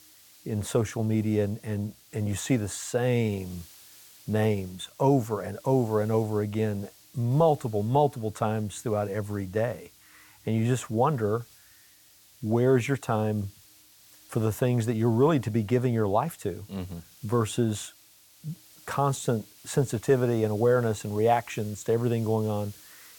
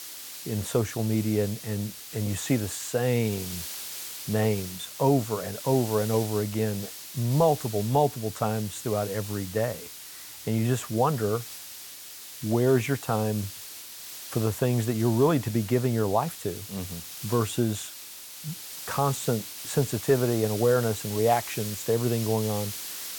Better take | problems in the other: first | hiss; loud; throughout; 10 dB below the speech; faint in the first

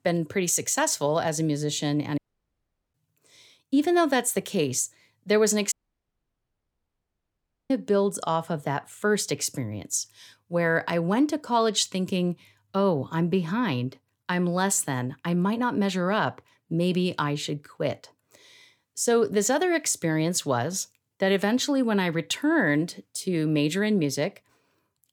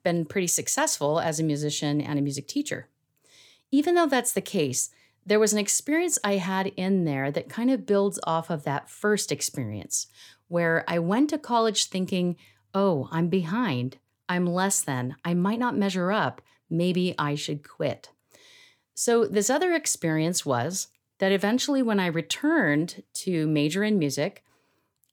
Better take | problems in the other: second | audio cutting out; at 2 s for 1 s and at 5.5 s for 2 s

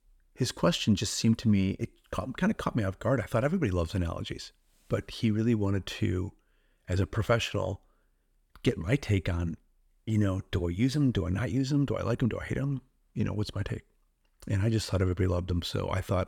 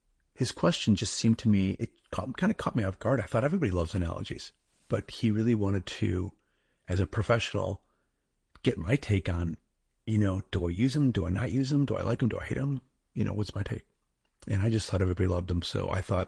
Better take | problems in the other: first | garbled, watery; slightly

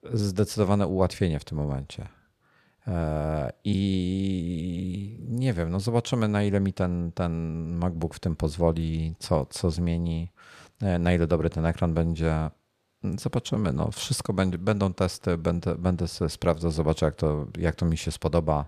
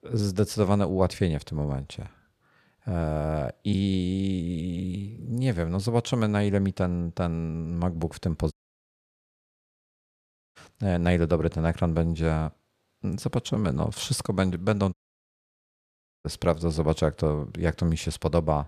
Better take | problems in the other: first | audio cutting out; at 8.5 s for 2 s and at 15 s for 1.5 s

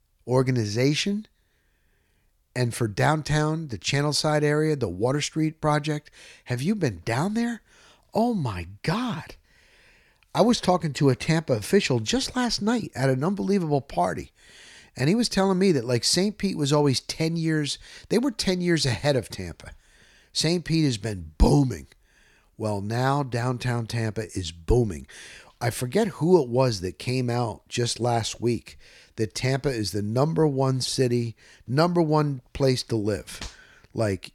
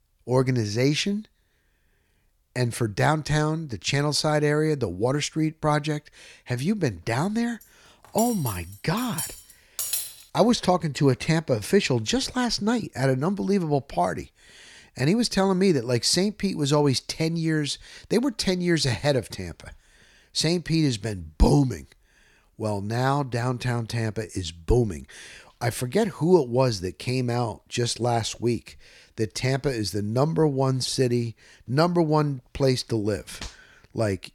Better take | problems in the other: first | clattering dishes; noticeable; from 8 to 10 s; peak 2 dB below the speech

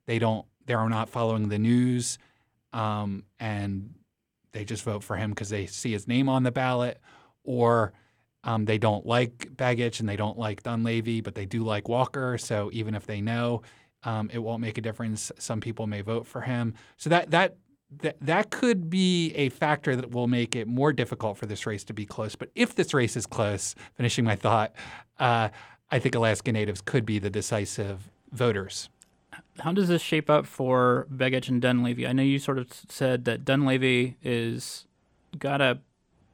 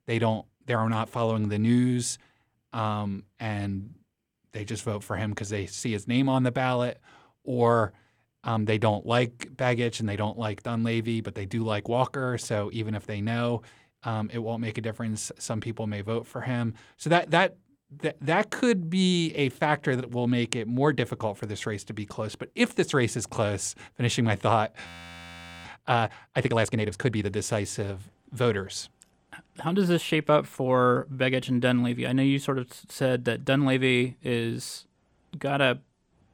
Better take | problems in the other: first | audio freezing; at 25 s for 1 s

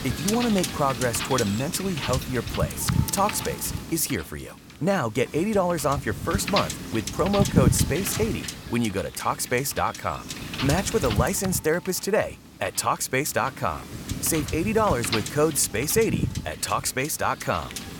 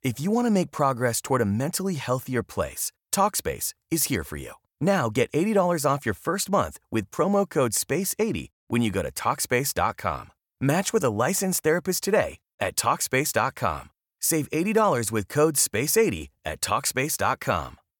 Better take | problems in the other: second | wind noise on the microphone; heavy; 7 dB below the speech

